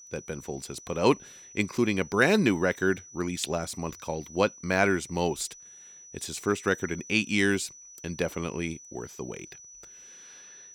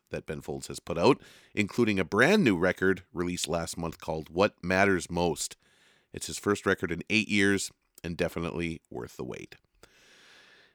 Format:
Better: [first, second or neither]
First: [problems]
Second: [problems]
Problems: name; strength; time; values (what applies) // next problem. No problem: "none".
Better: second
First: high-pitched whine; noticeable; throughout; 6 kHz, 20 dB below the speech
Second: none